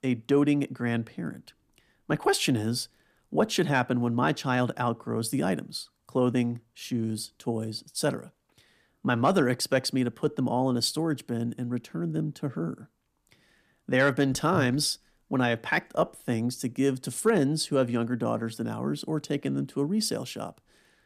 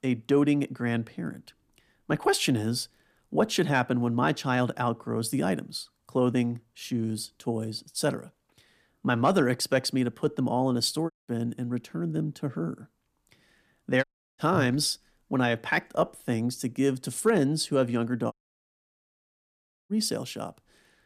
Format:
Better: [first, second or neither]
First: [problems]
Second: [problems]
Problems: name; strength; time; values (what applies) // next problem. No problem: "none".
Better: first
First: none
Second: audio cutting out; at 11 s, at 14 s and at 18 s for 1.5 s